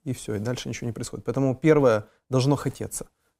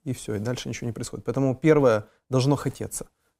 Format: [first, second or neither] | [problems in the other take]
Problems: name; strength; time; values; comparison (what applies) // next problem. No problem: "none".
neither | none